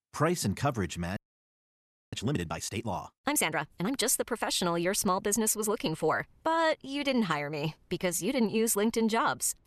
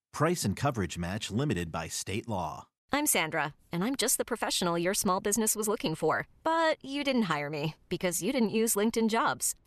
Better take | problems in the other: second | audio freezing; at 1 s for 1 s

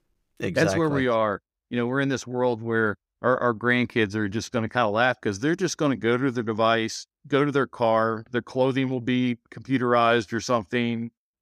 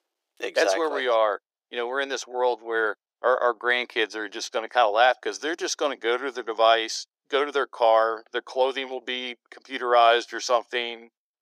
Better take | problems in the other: first | thin; very; fading below 400 Hz

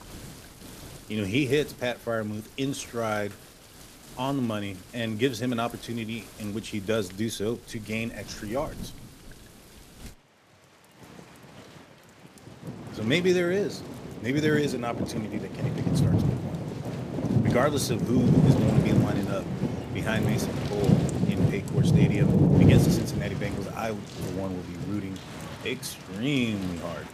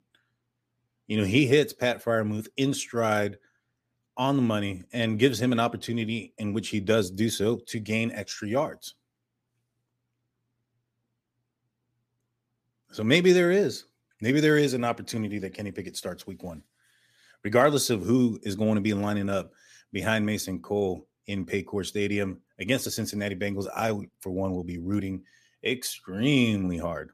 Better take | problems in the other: second | rain or running water; very loud; throughout; 4 dB above the speech

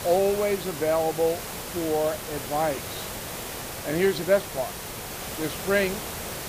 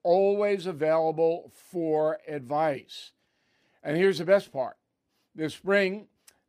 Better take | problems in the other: second | hiss; loud; throughout; 7 dB below the speech

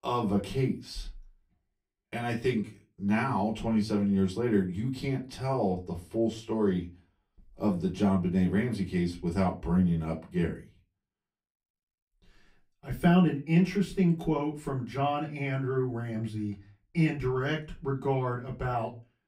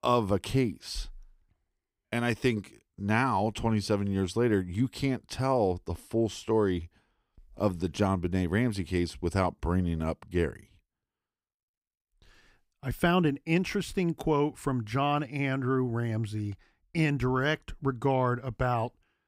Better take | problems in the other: second | off-mic speech; far // room echo; very slight; dies away in 0.2 s

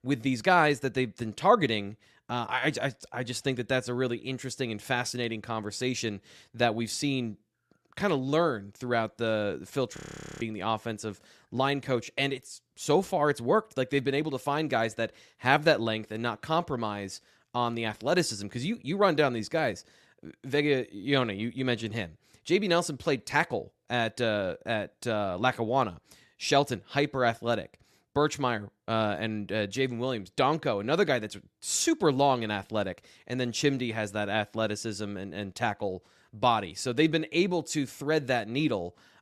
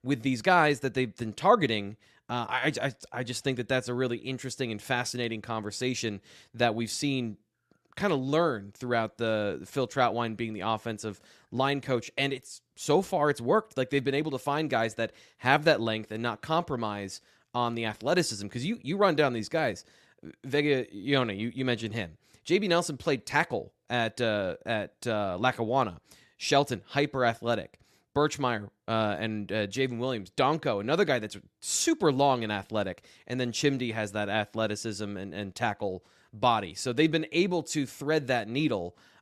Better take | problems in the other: second | audio freezing; at 10 s

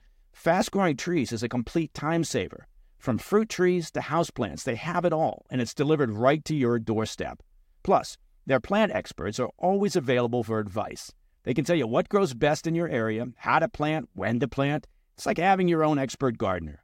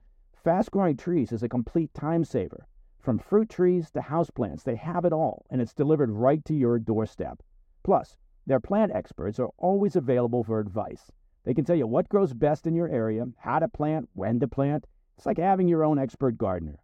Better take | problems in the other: first | muffled; very; fading above 1.5 kHz

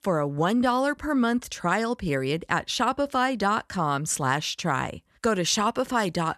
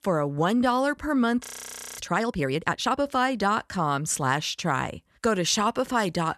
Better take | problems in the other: first | audio freezing; at 1.5 s for 0.5 s

